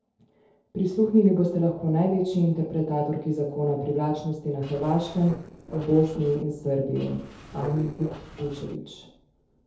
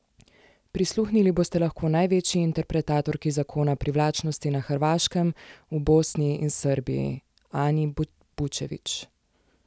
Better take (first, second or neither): second